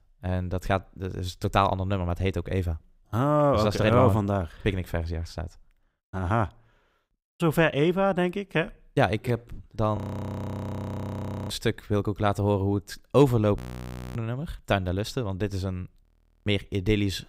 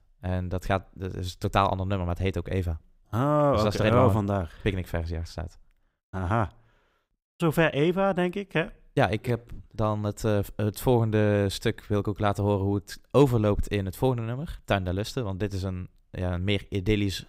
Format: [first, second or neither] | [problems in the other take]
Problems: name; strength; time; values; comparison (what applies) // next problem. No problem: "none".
second | audio freezing; at 10 s for 1.5 s, at 14 s for 0.5 s and at 16 s